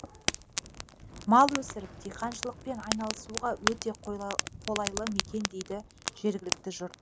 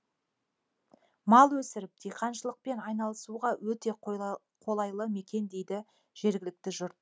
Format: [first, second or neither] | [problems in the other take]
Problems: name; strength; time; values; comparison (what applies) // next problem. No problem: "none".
second | background sound (Fire); 5 dB below the speech